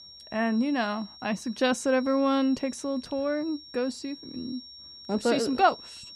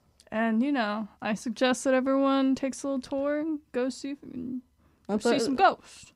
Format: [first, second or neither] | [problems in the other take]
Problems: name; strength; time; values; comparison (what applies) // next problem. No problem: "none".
second | high-pitched whine; noticeable; throughout; 5.5 kHz, 15 dB below the speech